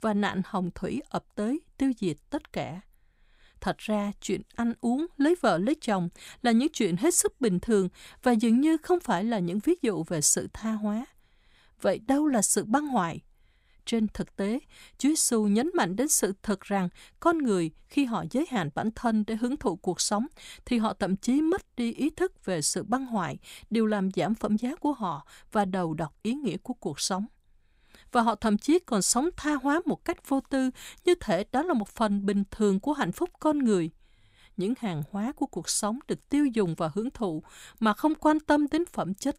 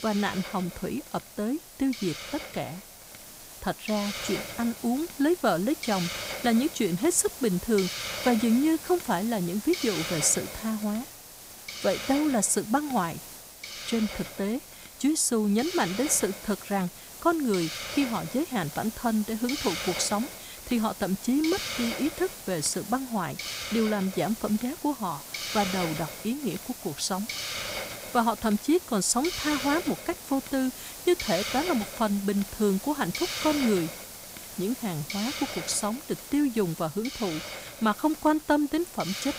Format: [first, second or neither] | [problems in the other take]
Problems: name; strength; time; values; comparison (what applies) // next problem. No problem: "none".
first | hiss; loud; throughout; 8 dB below the speech